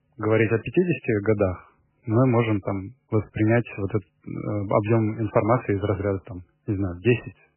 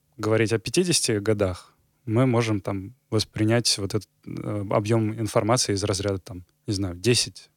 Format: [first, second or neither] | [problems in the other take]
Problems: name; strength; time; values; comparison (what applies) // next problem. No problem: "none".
second | garbled, watery; badly; nothing above 3 kHz